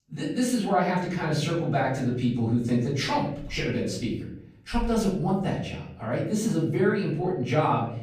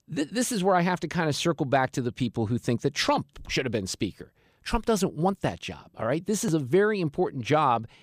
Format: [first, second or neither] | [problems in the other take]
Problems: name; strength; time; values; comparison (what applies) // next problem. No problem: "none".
second | off-mic speech; far // room echo; noticeable; dies away in 0.7 s